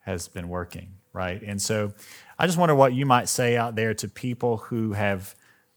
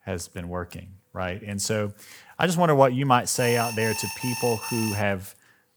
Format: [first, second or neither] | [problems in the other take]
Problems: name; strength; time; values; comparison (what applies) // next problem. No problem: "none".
first | alarm; noticeable; from 3.5 to 5 s; peak 5 dB below the speech